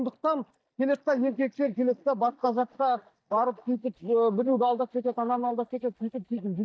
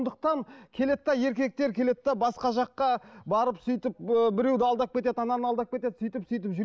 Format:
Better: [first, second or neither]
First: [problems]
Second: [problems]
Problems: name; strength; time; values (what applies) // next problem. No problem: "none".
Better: second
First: noise reduction (neural mask model DeepFilterNet 3)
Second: none